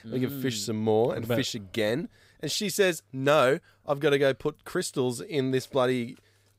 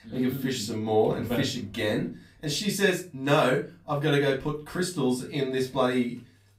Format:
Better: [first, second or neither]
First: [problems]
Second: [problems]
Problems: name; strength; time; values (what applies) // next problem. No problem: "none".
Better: first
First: none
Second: off-mic speech; far // room echo; very slight; dies away in 0.3 s